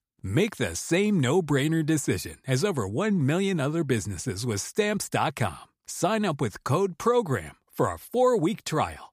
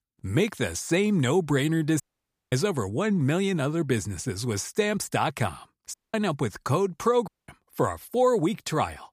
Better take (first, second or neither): first